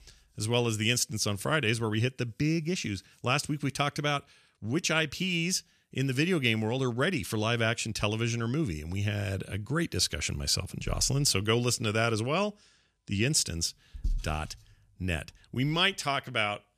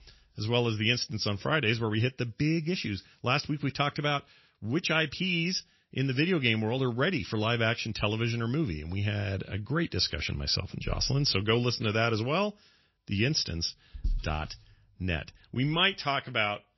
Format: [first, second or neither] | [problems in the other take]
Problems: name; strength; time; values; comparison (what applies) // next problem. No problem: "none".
first | garbled, watery; slightly; nothing above 5.5 kHz